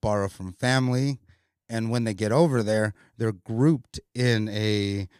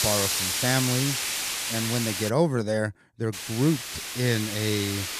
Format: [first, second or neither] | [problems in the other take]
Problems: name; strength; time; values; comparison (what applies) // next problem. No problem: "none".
first | hiss; loud; until 2.5 s and from 3.5 s on; as loud as the speech